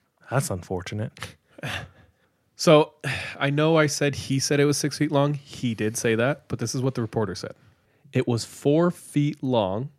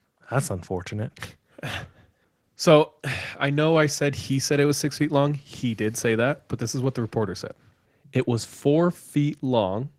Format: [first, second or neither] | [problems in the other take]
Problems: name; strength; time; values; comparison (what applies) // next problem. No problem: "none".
first | garbled, watery; slightly; nothing above 16 kHz